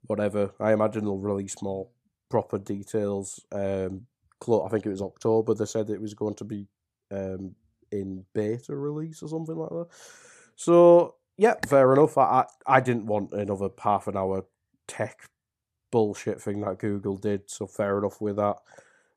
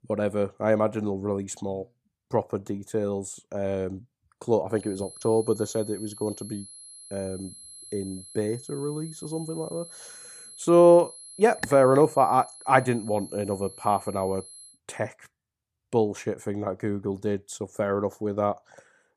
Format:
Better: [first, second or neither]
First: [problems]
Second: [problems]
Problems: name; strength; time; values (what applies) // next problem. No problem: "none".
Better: first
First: none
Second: high-pitched whine; noticeable; from 5 to 15 s; 11 kHz, 15 dB below the speech